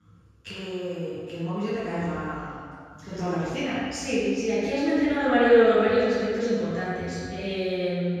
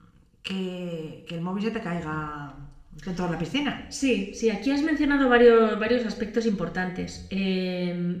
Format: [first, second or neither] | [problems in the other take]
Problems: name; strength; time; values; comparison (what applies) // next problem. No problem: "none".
second | room echo; strong; dies away in 1.8 s; slight in the second // off-mic speech; far; somewhat distant in the second